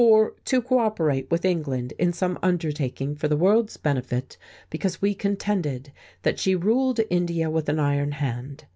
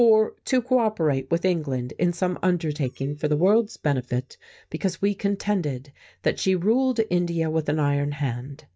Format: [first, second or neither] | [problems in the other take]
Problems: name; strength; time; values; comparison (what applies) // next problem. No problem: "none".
first | noise reduction (neural mask model DeepFilterNet 3)